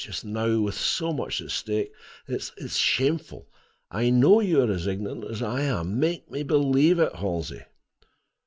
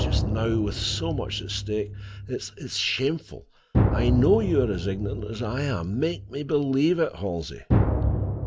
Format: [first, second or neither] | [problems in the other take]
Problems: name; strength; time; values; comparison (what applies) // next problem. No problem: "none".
first | background sound (Drum); 1 dB below the speech